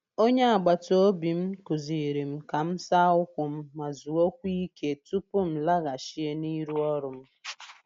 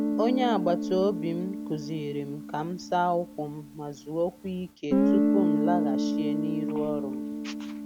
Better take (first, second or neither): first